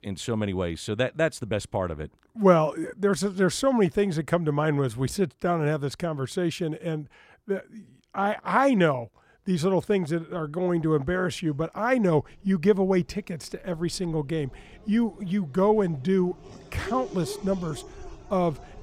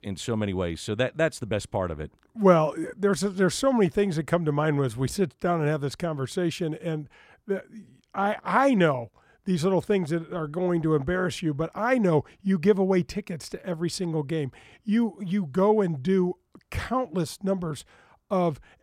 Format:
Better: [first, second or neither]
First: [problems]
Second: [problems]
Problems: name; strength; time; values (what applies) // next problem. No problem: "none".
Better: second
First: traffic noise; noticeable; throughout; 20 dB below the speech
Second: none